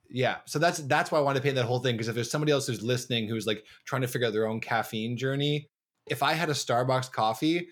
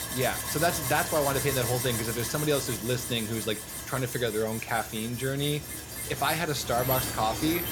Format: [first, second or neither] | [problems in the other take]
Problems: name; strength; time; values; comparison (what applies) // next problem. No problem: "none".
first | machinery noise; loud; throughout; 3 dB below the speech